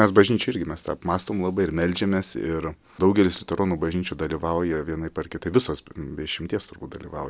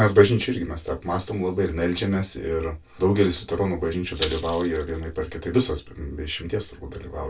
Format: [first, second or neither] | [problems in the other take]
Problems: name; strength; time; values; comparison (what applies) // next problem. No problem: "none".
first | background sound (Rattle (instrument)); 13 dB below the speech // room echo; dies away in 0.2 s